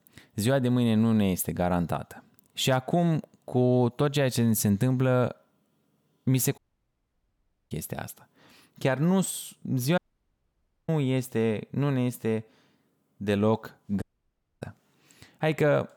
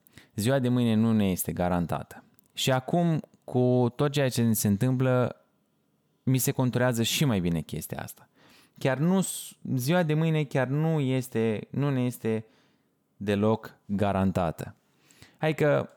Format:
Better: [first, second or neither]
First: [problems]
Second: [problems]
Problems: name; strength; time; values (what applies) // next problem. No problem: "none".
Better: second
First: audio cutting out; at 6.5 s for 1 s, at 10 s for 1 s and at 14 s for 0.5 s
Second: none